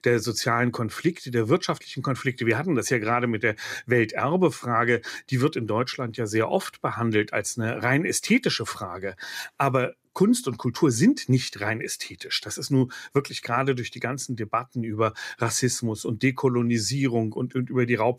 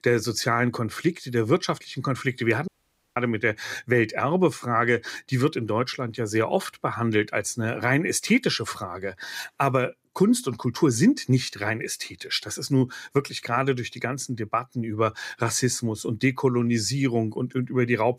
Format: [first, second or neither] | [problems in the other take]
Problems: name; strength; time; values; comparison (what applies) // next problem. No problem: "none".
first | audio cutting out; at 2.5 s